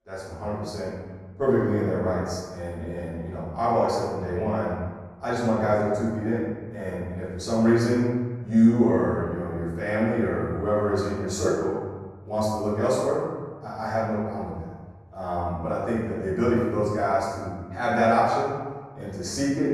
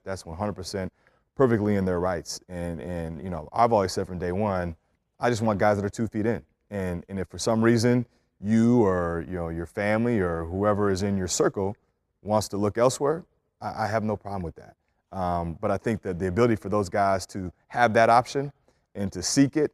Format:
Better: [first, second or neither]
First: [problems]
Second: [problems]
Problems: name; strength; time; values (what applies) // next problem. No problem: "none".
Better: second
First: room echo; strong; dies away in 1.4 s // off-mic speech; far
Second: none